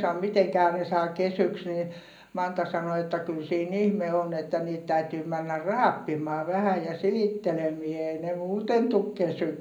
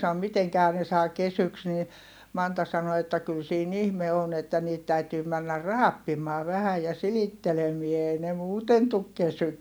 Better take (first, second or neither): second